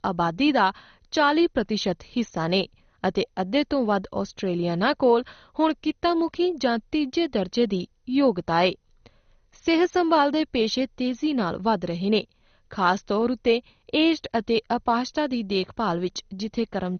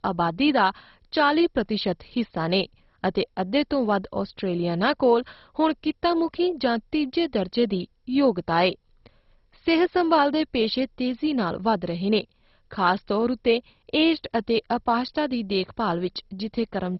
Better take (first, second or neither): first